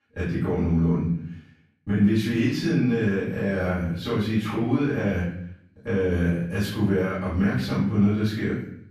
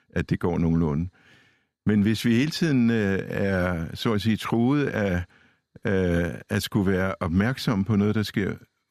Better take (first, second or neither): second